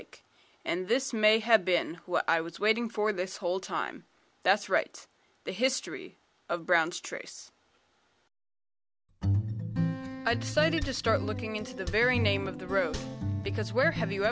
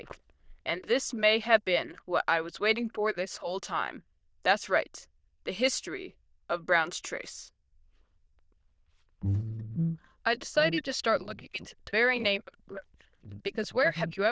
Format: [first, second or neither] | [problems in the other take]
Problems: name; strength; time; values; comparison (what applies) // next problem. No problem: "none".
first | noise reduction (neural diffusion model UNIVERSE++)